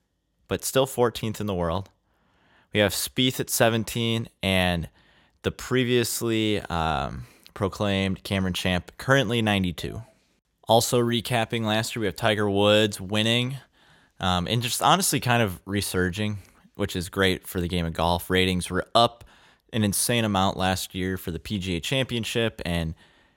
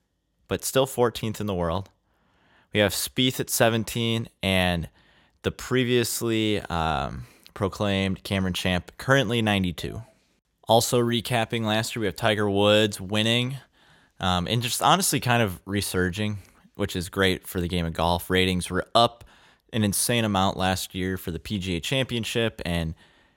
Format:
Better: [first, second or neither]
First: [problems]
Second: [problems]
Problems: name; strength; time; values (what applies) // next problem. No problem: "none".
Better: neither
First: none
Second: none